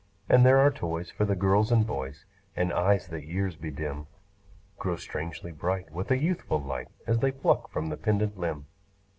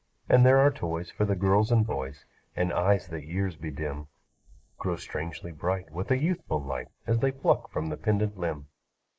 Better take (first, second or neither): first